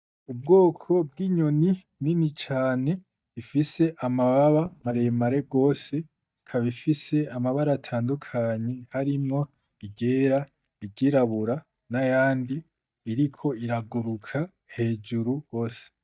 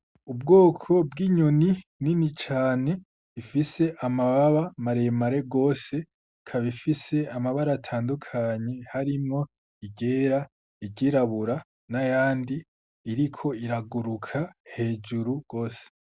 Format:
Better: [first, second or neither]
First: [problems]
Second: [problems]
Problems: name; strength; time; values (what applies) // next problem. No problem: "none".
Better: second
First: noise reduction (neural mask model DeepFilterNet 3)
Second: none